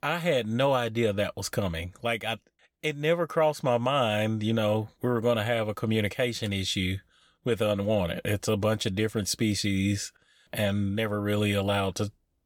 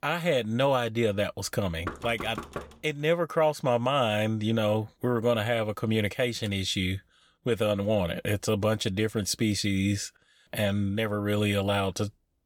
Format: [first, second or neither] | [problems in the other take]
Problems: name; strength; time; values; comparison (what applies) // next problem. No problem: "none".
first | door banging; faint; at 2 s; peak 10 dB below the speech